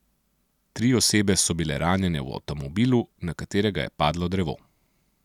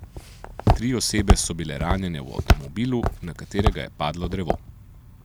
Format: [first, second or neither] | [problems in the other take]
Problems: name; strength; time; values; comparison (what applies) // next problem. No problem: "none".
first | background sound (Walk, footsteps); 3 dB above the speech